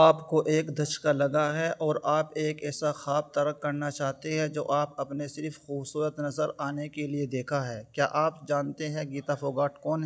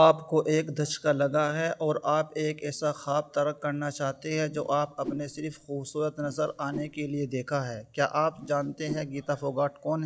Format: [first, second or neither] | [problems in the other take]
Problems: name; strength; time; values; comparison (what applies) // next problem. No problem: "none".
first | background sound (Whoosh, swoosh, swish); 14 dB below the speech